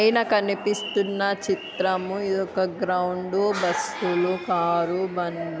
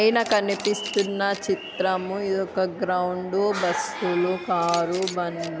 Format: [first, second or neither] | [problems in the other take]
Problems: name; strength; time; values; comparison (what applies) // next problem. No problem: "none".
first | background sound (Camera); 17 dB below the speech